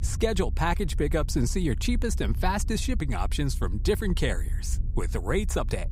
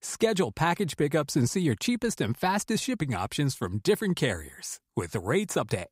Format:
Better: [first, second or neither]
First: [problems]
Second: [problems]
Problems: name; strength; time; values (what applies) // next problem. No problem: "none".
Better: second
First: low rumble; faint; throughout; 20 dB below the speech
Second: none